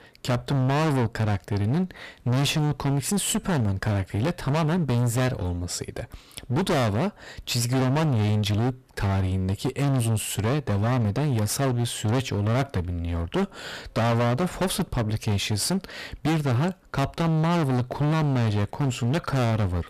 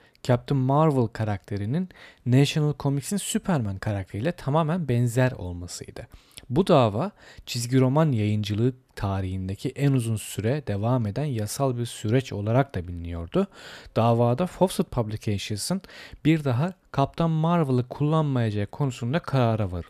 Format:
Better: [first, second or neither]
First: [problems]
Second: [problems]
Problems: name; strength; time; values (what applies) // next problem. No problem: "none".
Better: second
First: distortion; heavy; 32% of the sound clipped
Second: none